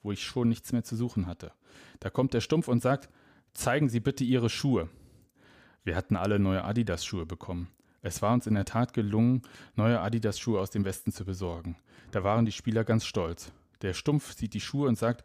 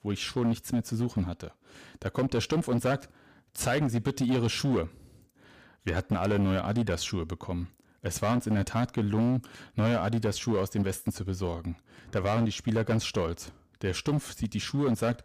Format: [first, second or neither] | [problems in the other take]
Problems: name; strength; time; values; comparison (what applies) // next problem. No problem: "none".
first | distortion; slight; 9% of the sound clipped